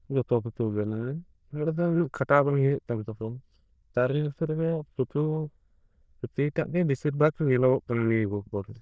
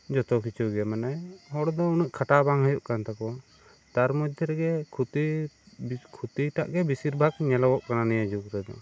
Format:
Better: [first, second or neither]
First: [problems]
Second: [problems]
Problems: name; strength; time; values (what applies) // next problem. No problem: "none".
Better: second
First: noise reduction (neural diffusion model UNIVERSE++)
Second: none